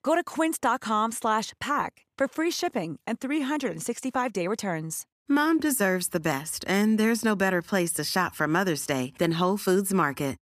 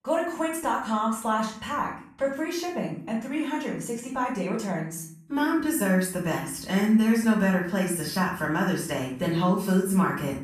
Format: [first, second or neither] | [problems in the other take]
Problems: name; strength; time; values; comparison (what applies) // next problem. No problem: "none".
first | off-mic speech; far // room echo; noticeable; dies away in 0.5 s